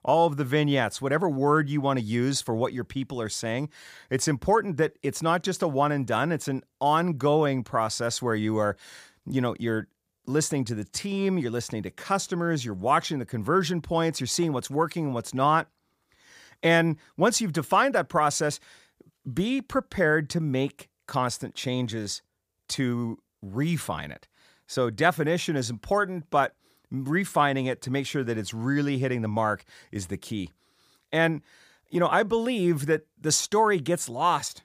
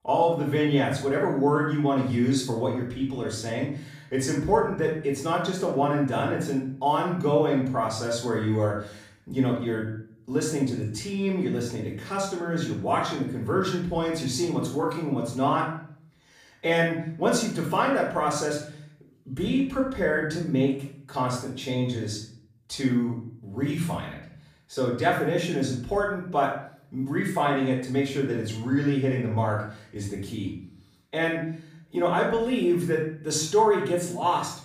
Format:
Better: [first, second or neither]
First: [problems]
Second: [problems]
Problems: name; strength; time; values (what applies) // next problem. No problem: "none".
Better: first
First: none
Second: off-mic speech; far // room echo; noticeable; dies away in 0.5 s